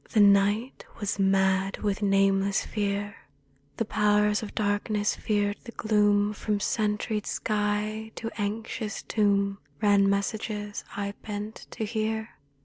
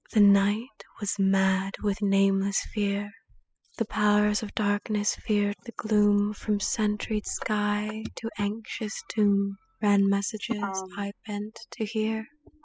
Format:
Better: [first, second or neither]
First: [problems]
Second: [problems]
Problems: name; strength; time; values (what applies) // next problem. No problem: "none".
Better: first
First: none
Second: noise reduction (classical method spectral subtraction)